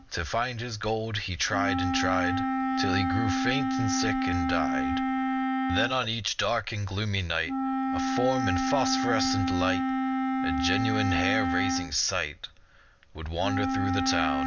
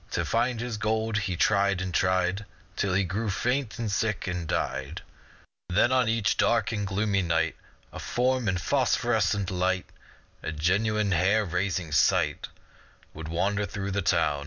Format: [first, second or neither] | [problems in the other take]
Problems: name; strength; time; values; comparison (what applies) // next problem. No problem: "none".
second | background sound (Wind instrument, woodwind instrument); 1 dB above the speech